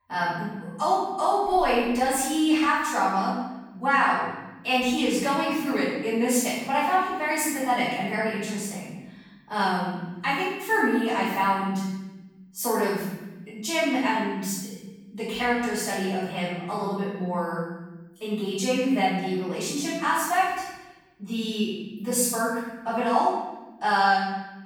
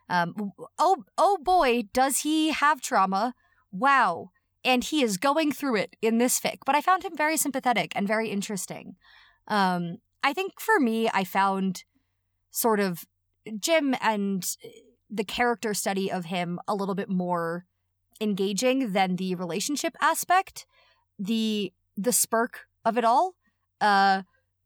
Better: second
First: off-mic speech; far // room echo; strong; dies away in 1 s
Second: none

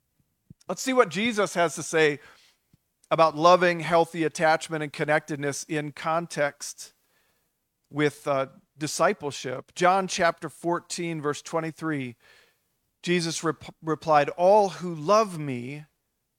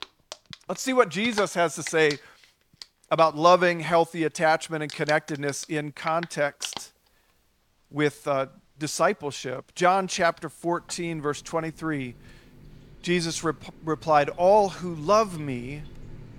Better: first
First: none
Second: household noises; noticeable; throughout; 20 dB below the speech

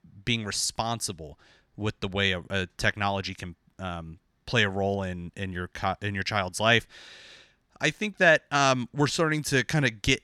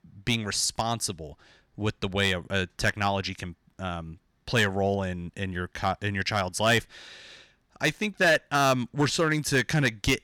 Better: first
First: none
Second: distortion; slight; 2% of the sound clipped

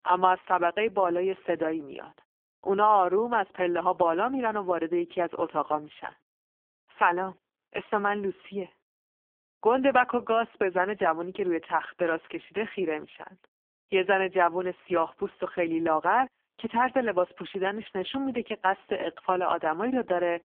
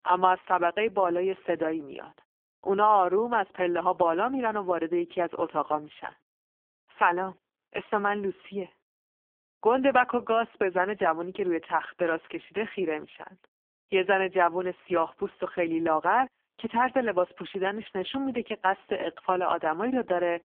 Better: neither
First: phone-call audio; poor line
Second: phone-call audio; poor line

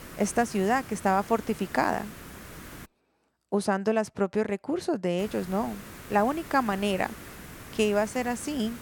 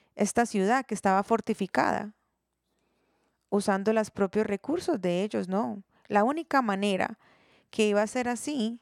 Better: second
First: hiss; noticeable; until 3 s and from 5 s on; 15 dB below the speech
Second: none

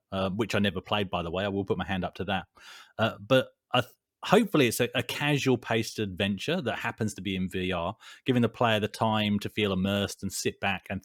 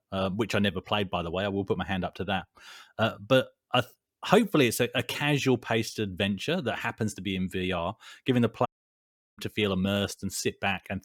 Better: first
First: none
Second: audio cutting out; at 8.5 s for 0.5 s

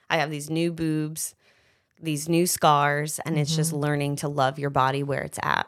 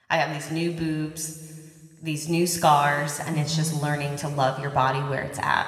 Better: first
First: none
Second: room echo; slight; dies away in 1.9 s

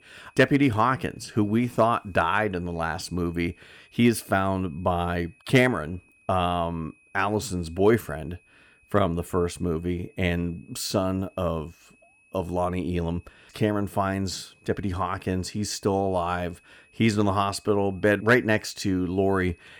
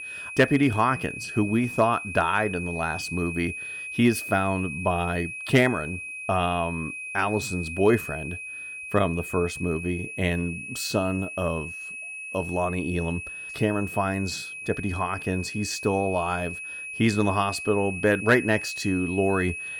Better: first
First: high-pitched whine; faint; throughout; 2.5 kHz, 30 dB below the speech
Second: high-pitched whine; loud; throughout; 2.5 kHz, 8 dB below the speech

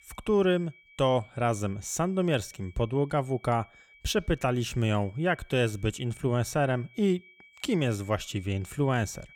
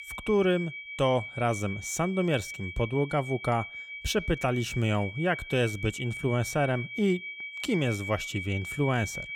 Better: first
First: high-pitched whine; faint; throughout; 2.5 kHz, 25 dB below the speech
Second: high-pitched whine; loud; throughout; 2.5 kHz, 9 dB below the speech

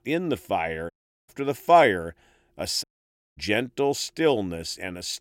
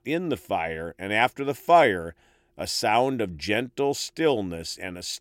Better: second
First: audio cutting out; at 1 s and at 3 s for 0.5 s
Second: none

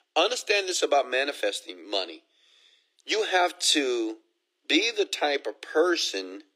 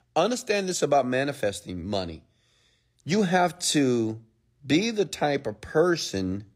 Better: second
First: thin; somewhat; fading below 300 Hz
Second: none

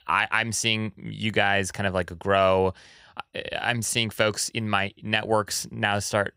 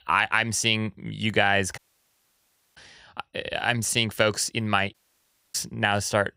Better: first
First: none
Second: audio cutting out; at 2 s for 1 s and at 5 s for 0.5 s

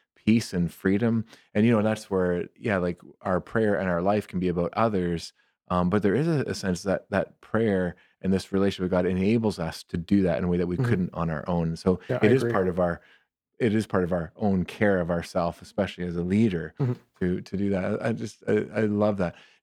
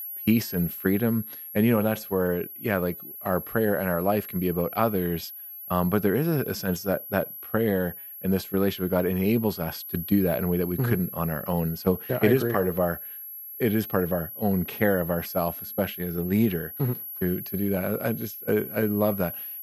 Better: first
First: none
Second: high-pitched whine; loud; throughout; 11.5 kHz, 9 dB below the speech

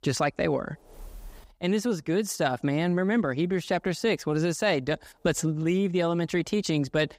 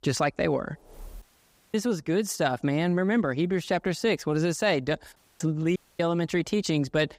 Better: first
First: none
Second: audio cutting out; at 1 s for 0.5 s, at 5 s and at 6 s

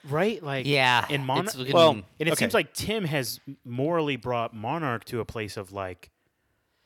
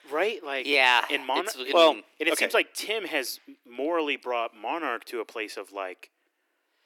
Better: first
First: none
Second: thin; somewhat; fading below 300 Hz

